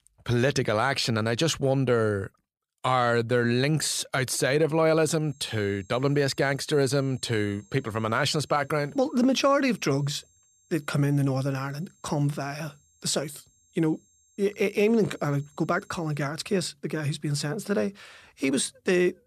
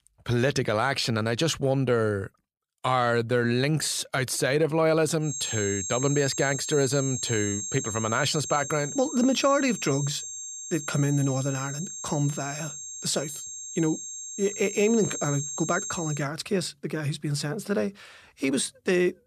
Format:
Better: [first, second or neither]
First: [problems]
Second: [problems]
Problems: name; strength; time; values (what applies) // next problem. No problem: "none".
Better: first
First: high-pitched whine; faint; from 5.5 to 16 s; 7.5 kHz, 35 dB below the speech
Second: high-pitched whine; loud; from 5.5 to 16 s; 7.5 kHz, 6 dB below the speech